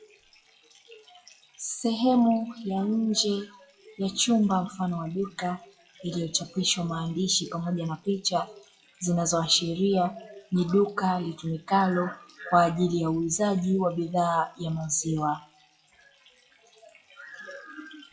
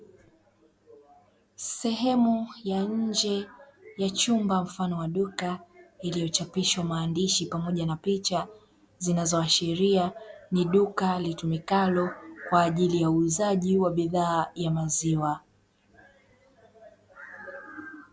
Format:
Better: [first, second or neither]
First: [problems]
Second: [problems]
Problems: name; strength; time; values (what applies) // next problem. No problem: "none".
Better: second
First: noise reduction (classical method WPE with log-MMSE)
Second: none